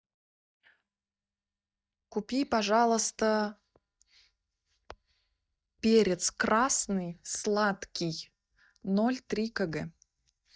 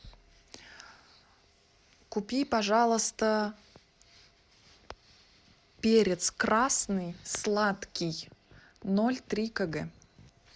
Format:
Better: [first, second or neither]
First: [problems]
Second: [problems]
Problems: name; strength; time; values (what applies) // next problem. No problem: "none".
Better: second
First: noise reduction (neural mask model DeepFilterNet 3)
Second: none